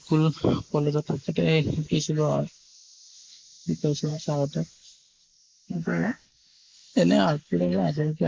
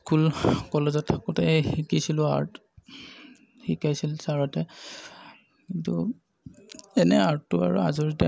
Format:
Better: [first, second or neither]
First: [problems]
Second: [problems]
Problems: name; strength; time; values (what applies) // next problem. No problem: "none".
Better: second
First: noise reduction (neural mask model Resemble Enhance denoiser)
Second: none